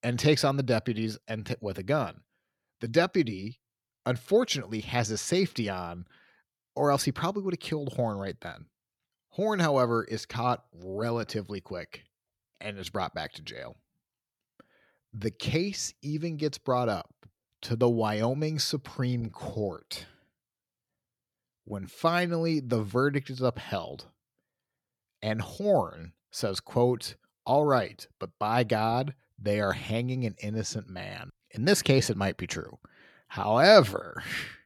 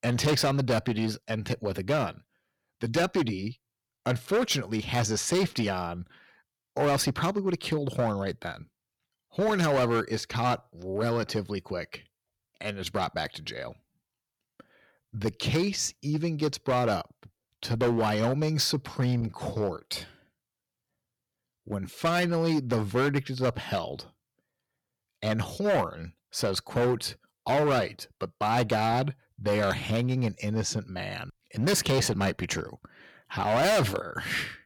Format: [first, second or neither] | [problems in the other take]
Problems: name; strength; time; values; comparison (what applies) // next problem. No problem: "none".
first | distortion; heavy; 8% of the sound clipped